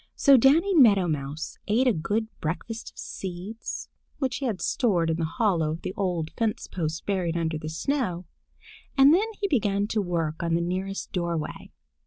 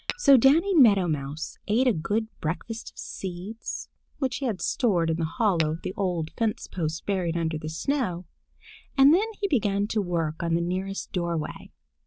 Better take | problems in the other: first | background sound (Tap / Glass); 13 dB below the speech

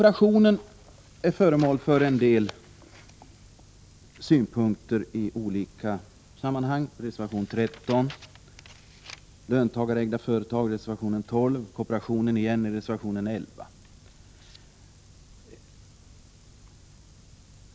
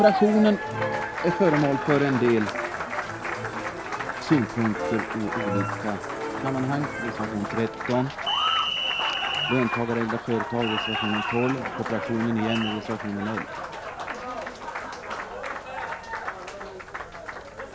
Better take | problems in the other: first | background sound (Applause); 2 dB below the speech

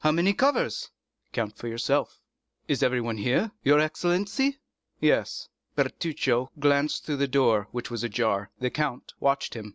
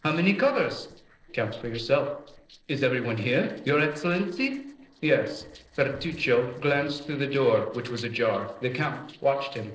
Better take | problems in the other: first | noise reduction (neural separator model SepFormer DNS4)

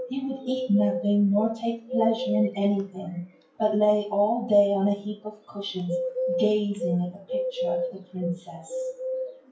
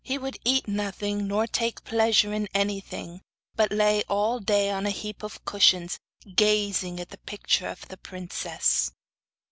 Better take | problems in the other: second | noise reduction (classical method WPE with log-MMSE)

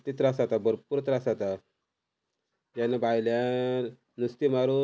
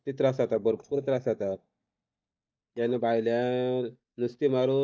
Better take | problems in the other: first | noise reduction (neural mask model DeepFilterNet 3)

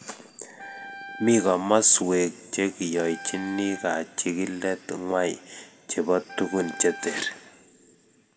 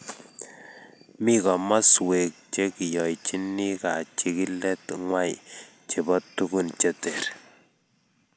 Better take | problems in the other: second | background sound (Wind instrument, woodwind instrument); 17 dB below the speech // room echo; dies away in 1.8 s

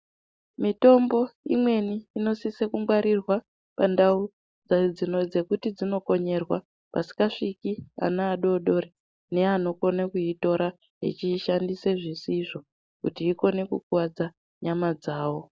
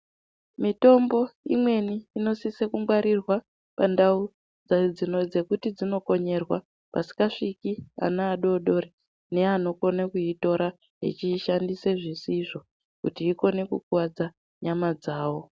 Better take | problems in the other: second | noise reduction (neural mask model Resemble Enhance denoiser)

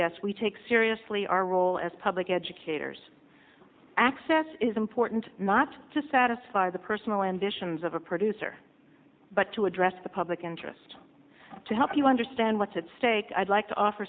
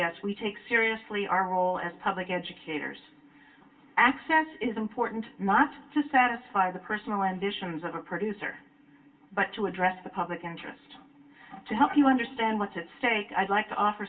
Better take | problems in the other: first | room echo; dies away in 0.2 s

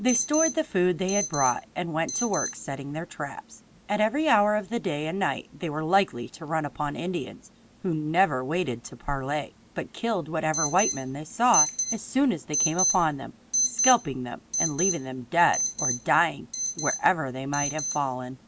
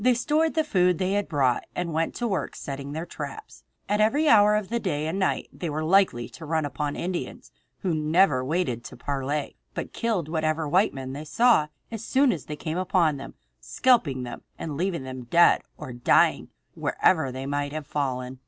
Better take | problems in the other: second | background sound (Alarm); 6 dB below the speech

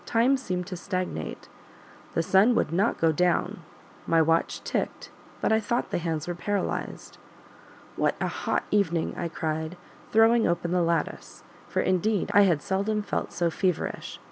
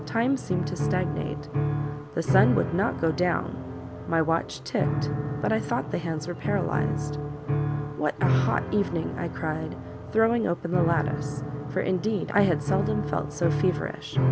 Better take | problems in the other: first | background sound (Piano); 1 dB below the speech

